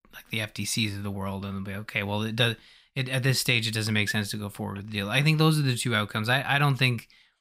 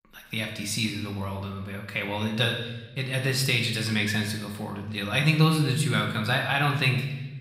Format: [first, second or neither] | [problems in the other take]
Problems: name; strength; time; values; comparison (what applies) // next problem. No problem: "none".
first | room echo; slight; dies away in 0.9 s // off-mic speech; somewhat distant